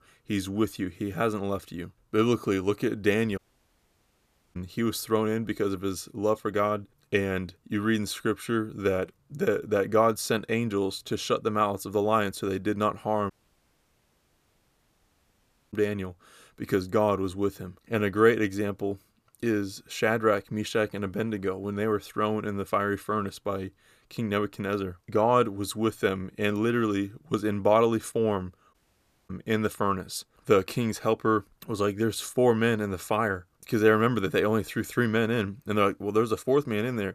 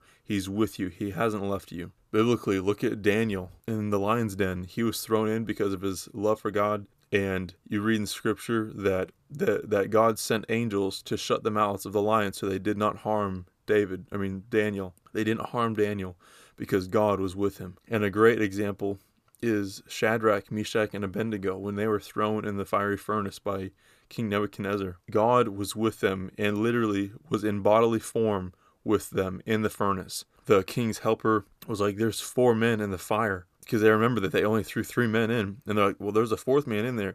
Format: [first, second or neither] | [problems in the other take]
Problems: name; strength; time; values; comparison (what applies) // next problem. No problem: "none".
second | audio cutting out; at 3.5 s for 1 s, at 13 s for 2.5 s and at 29 s for 0.5 s